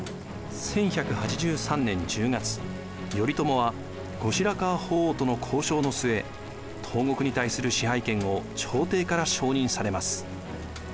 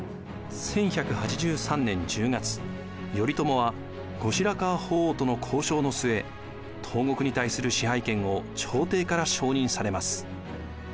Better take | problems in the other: second | background sound (Boiling); 19 dB below the speech

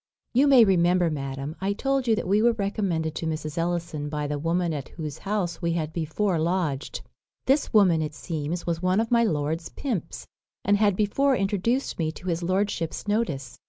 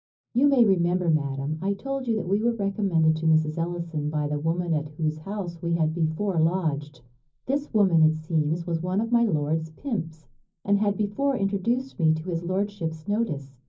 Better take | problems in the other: first | room echo; dies away in 0.4 s

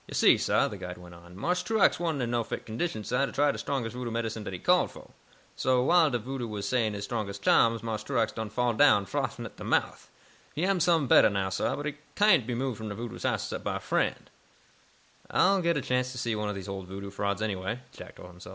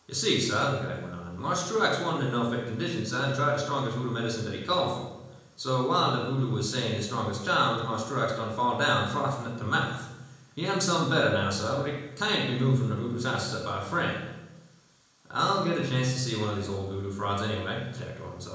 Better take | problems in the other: first | room echo; dies away in 1 s

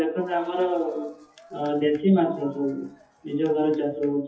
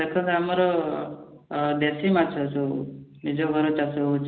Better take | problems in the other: second | noise reduction (classical method WPE with log-MMSE)

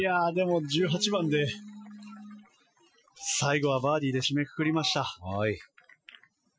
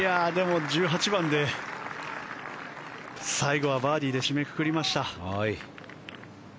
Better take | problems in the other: second | noise reduction (classical method Wiener filter)

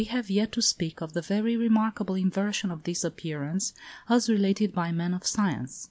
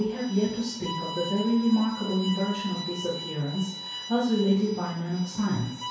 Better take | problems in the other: first | background sound (Bowed string instrument); 11 dB below the speech // room echo; dies away in 0.6 s

